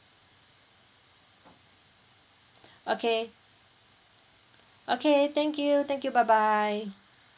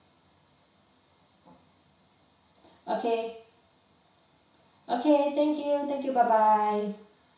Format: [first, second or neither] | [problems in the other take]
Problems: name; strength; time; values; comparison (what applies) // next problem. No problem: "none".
first | room echo; dies away in 0.6 s